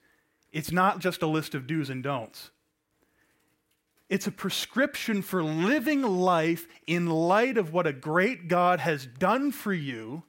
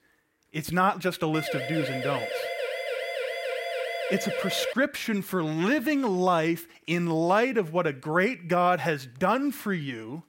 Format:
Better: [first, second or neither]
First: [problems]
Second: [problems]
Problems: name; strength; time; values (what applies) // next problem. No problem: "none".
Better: first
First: none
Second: siren; noticeable; from 1.5 to 4.5 s; peak 3 dB below the speech